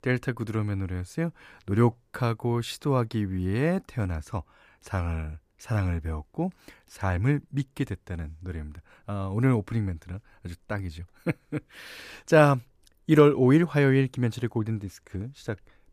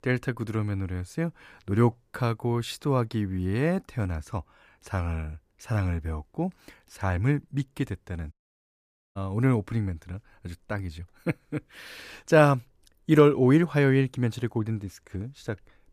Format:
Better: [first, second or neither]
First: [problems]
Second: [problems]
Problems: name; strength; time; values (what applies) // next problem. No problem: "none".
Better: first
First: none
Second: audio cutting out; at 8.5 s for 1 s